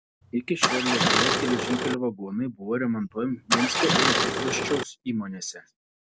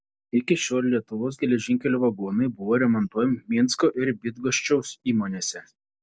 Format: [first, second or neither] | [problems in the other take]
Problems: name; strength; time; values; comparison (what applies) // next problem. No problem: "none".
second | background sound (Engine starting); 4 dB above the speech